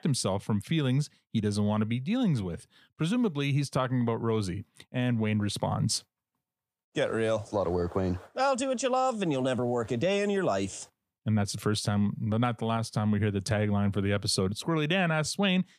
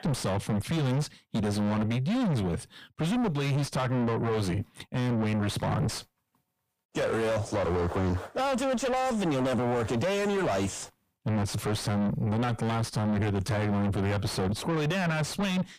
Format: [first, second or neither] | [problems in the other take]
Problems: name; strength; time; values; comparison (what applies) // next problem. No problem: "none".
first | distortion; heavy; 5 dB below the speech